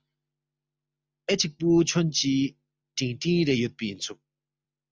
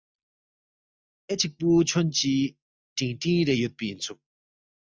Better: first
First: none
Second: noise reduction (neural mask model DeepFilterNet 3)

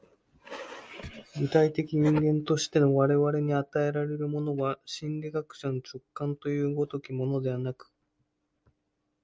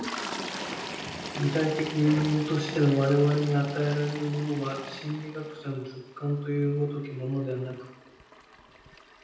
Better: first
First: none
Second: background sound (Toilet flush); 11 dB below the speech // room echo; dies away in 0.9 s

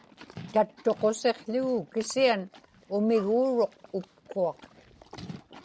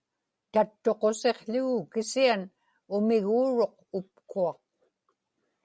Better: second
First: background sound (Livestock, farm animals, working animals); 20 dB below the speech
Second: none

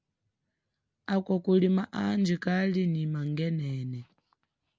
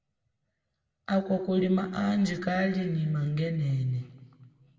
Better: first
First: none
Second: room echo; dies away in 1.4 s

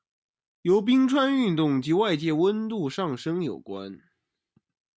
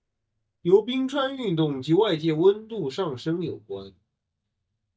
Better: first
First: none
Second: noise reduction (neural mask model DeepFilterNet 3)

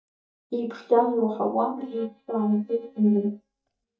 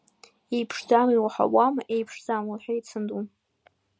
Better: second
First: noise reduction (neural mask model DeepFilterNet 3)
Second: none

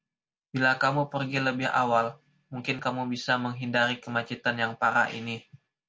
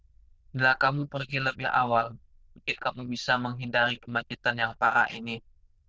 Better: first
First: none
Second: noise reduction (neural diffusion model UNIVERSE++)

